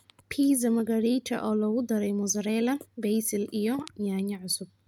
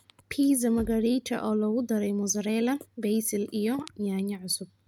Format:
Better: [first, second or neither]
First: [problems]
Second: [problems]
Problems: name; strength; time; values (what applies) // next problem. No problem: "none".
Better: first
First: none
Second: background sound (Bass drum); 16 dB below the speech